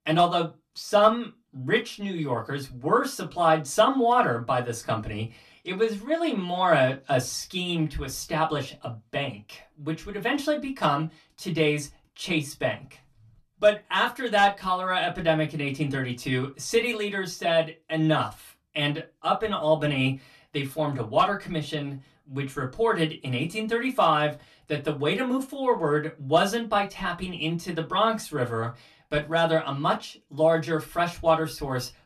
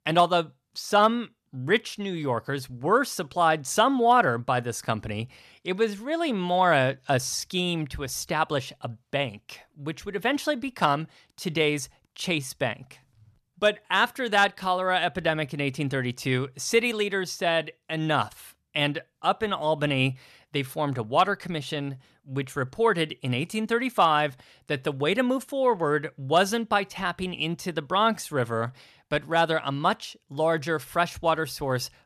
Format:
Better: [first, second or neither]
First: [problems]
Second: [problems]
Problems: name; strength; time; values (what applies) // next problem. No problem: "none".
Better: second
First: off-mic speech; far // room echo; very slight; dies away in 0.2 s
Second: none